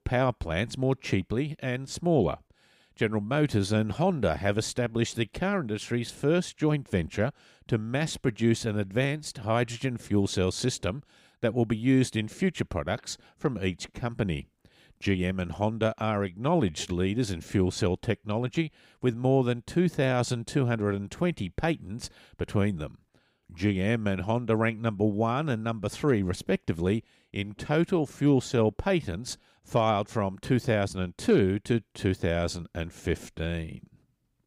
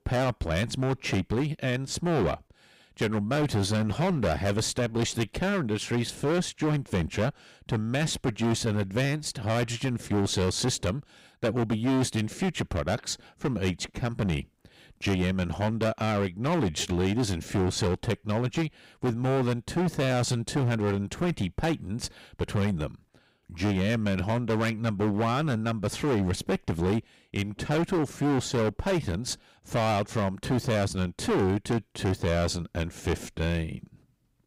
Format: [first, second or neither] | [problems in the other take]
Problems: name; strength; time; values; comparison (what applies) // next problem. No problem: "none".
first | distortion; heavy; 16% of the sound clipped